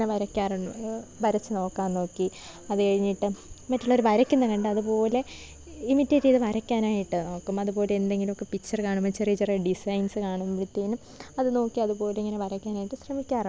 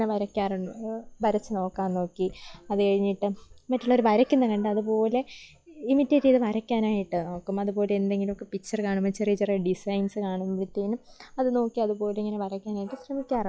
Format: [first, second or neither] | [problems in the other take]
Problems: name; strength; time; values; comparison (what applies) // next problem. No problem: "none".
first | noise reduction (classical method log-MMSE)